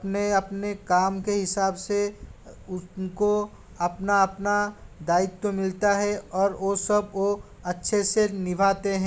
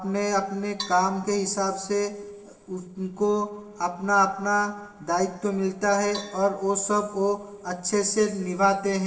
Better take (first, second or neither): first